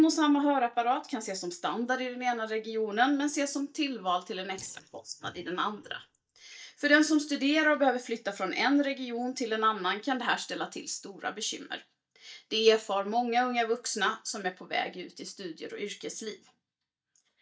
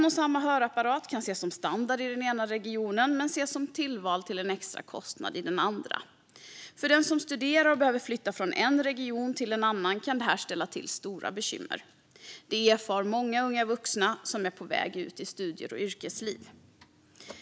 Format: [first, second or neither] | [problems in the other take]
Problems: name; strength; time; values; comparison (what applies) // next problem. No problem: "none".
second | noise reduction (neural mask model DeepFilterNet 3)